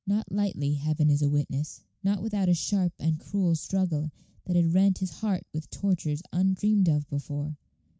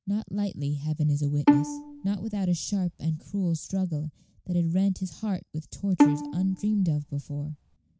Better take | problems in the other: first | background sound (Bowed string instrument); as loud as the speech

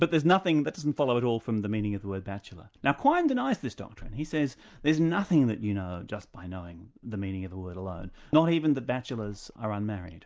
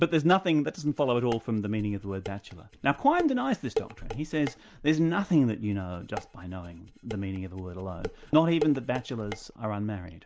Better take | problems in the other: first | background sound (Dishes, pots, and pans); 12 dB below the speech

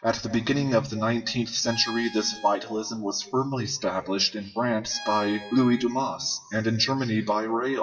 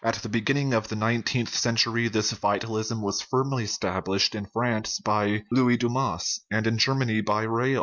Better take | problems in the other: second | noise reduction (classical method WPE with log-MMSE)

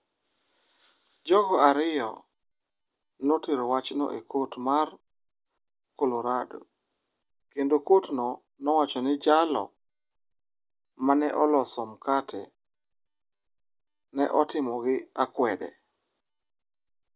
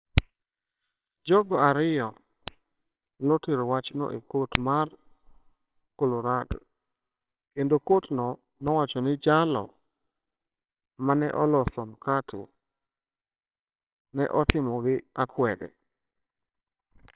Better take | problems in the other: first | noise reduction (neural separator model SepFormer WHAMR!)

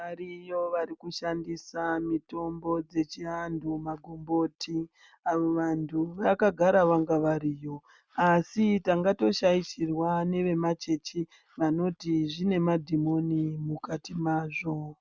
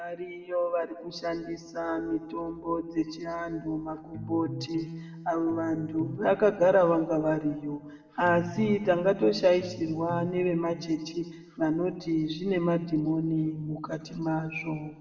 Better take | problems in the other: first | background sound (Electric guitar); 13 dB below the speech // room echo; dies away in 1.1 s

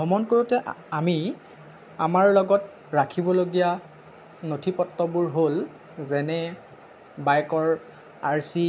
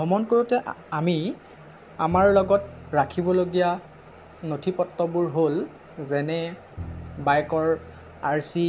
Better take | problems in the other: first | background sound (Bowed string instrument); 20 dB below the speech

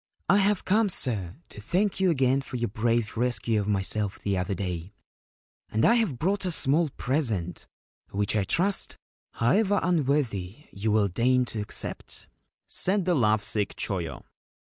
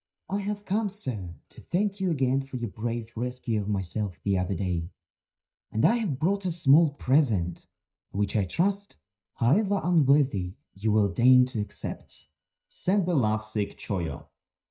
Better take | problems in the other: first | noise reduction (neural mask model DeepFilterNet 3)

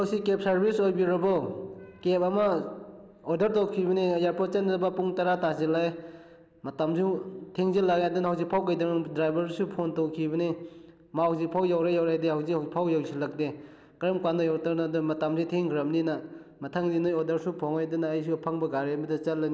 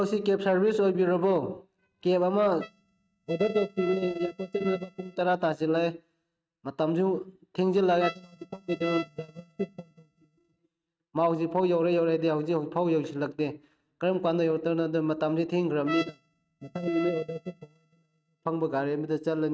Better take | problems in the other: first | noise reduction (neural mask model RNNoise)

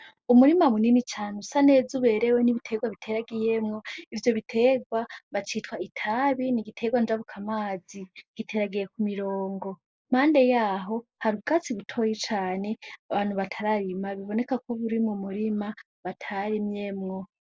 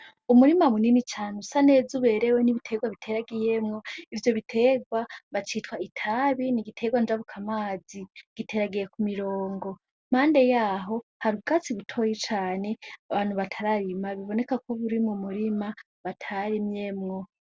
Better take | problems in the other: second | noise reduction (neural mask model Resemble Enhance denoiser)

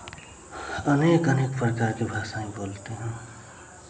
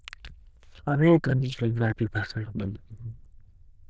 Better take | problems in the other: first | noise reduction (neural diffusion model UNIVERSE++)

